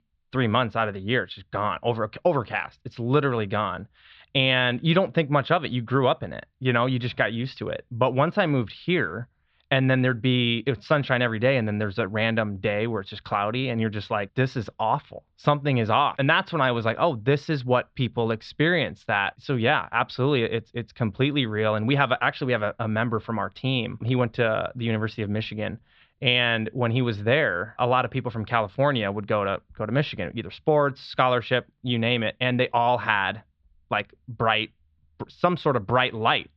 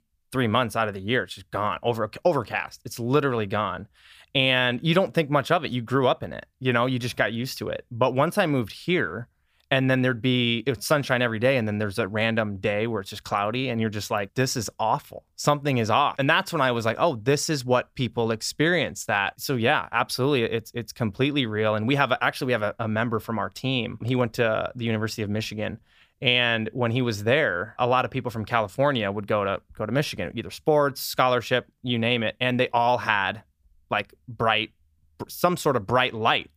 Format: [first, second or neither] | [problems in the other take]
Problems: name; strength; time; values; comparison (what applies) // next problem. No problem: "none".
second | muffled; slightly; fading above 4 kHz